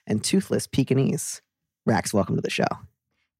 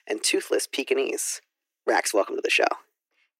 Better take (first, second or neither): first